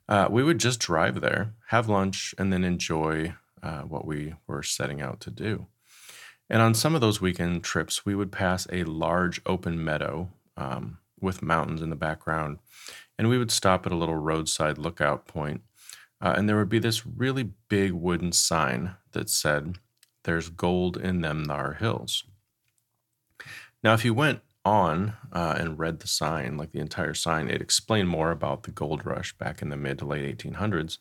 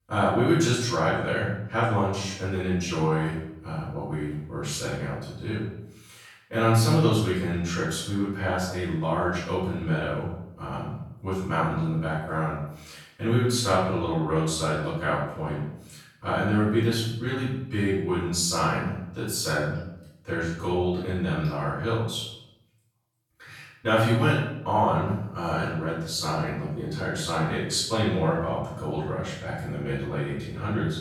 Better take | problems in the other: first | off-mic speech; far // room echo; noticeable; dies away in 0.7 s

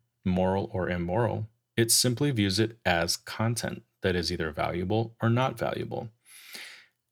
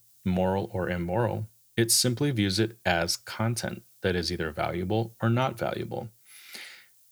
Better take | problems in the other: first | hiss; faint; throughout; 30 dB below the speech

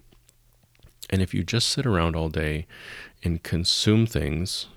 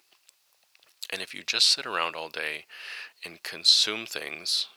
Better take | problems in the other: first | thin; very; fading below 800 Hz

